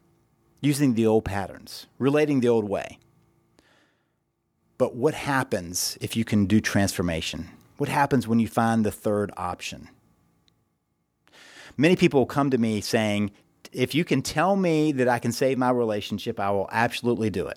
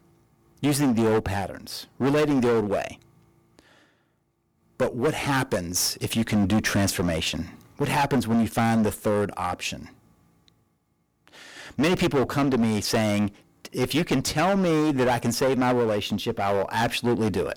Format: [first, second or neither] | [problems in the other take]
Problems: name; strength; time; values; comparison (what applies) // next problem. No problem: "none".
first | distortion; heavy; 13% of the sound clipped